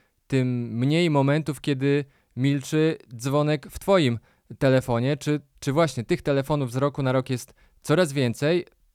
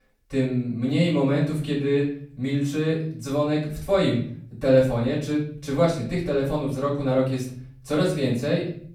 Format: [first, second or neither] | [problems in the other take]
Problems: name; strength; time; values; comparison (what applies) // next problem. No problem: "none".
first | room echo; noticeable; dies away in 0.6 s // off-mic speech; far